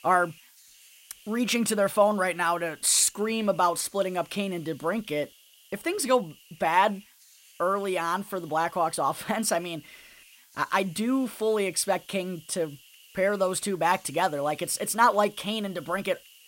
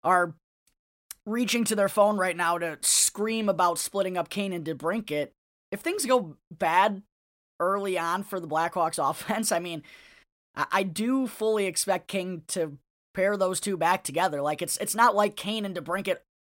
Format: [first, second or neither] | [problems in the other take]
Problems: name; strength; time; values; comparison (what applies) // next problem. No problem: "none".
second | hiss; faint; throughout; 25 dB below the speech